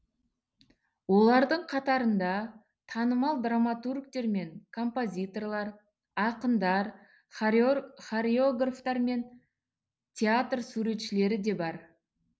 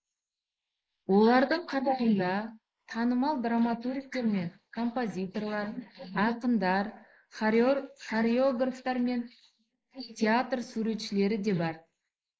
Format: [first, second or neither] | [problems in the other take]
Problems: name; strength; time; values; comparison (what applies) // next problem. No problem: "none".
first | noise reduction (neural mask model Resemble Enhance denoiser)